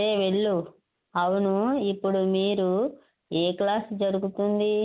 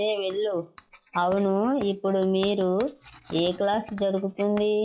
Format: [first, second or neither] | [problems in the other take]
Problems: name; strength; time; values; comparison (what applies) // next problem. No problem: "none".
first | noise reduction (classical method log-MMSE)